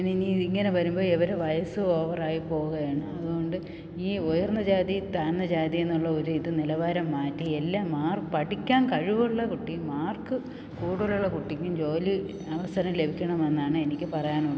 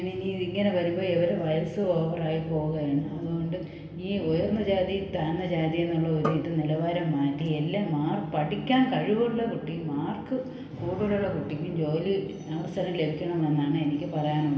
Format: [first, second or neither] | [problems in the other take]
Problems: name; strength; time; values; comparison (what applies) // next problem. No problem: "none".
first | background sound (Drum); 11 dB below the speech // room echo; dies away in 0.8 s